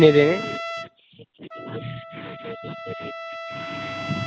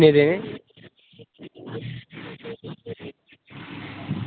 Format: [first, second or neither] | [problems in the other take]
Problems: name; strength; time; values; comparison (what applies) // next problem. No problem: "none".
second | background sound (Trumpet); 10 dB below the speech